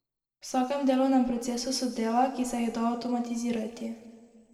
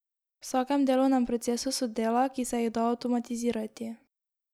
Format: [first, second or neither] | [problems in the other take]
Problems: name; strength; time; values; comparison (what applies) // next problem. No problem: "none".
second | room echo; dies away in 1.6 s